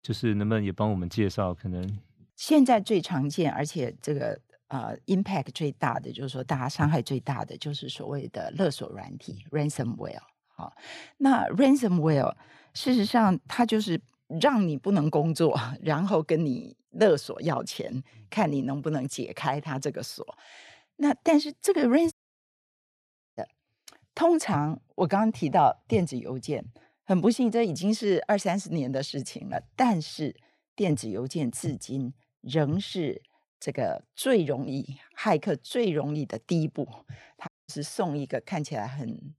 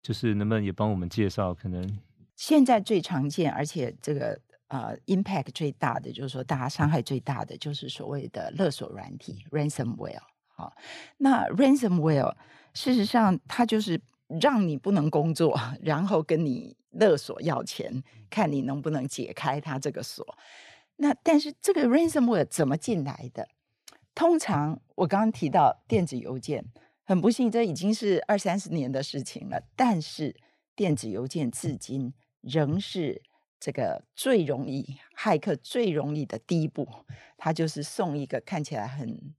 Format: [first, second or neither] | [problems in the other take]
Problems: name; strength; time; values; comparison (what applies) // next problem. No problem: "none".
second | audio cutting out; at 22 s for 1.5 s and at 37 s